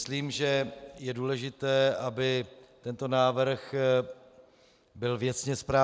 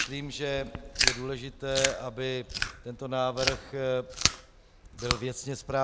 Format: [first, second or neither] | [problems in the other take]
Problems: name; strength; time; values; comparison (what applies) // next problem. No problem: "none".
first | background sound (Chewing, mastication); 1 dB below the speech